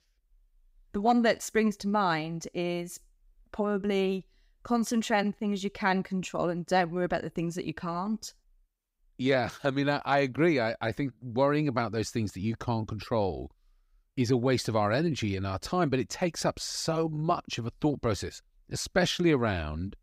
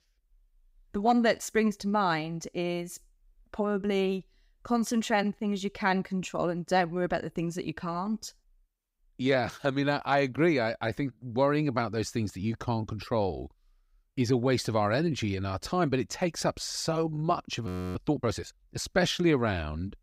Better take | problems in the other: first | audio freezing; at 18 s

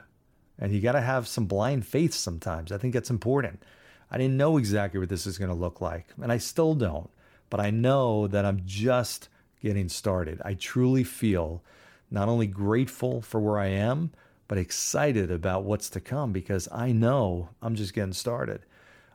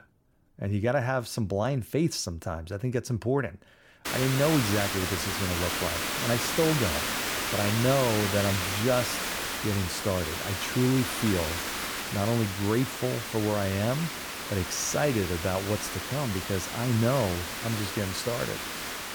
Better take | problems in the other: first | hiss; loud; from 4 s on; 2 dB below the speech

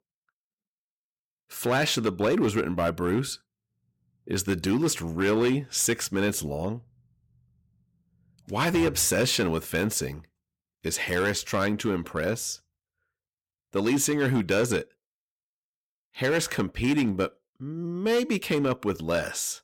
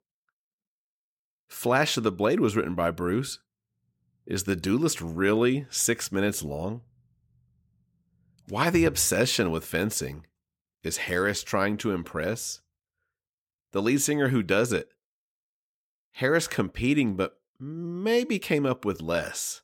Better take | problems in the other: second | distortion; slight; 5% of the sound clipped

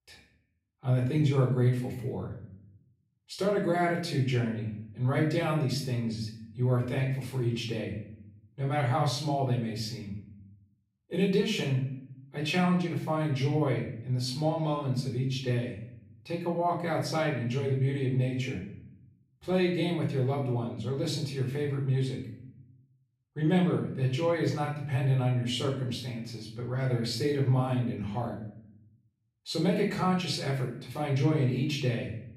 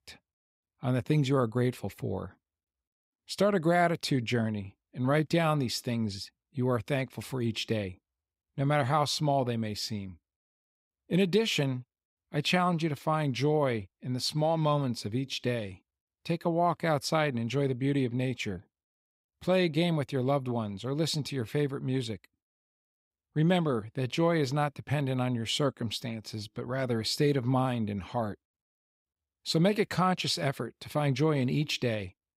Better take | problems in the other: second | room echo; noticeable; dies away in 0.7 s // off-mic speech; far

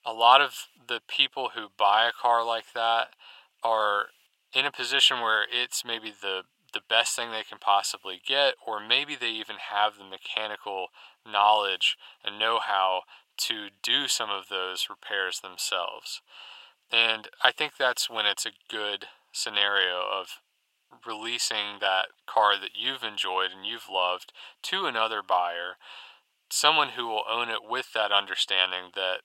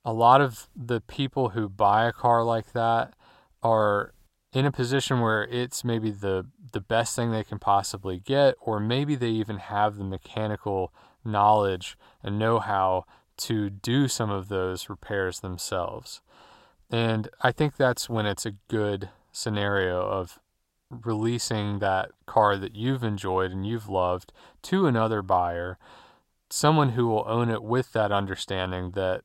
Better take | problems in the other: second | thin; very; fading below 800 Hz

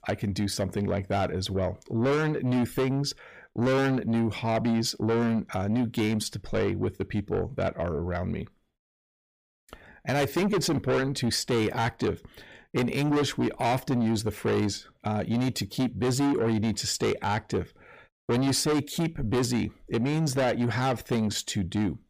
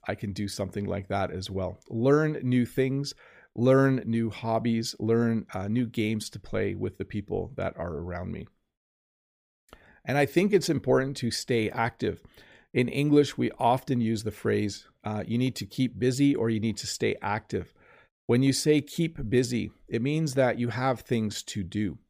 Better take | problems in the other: second | distortion; heavy; 7 dB below the speech

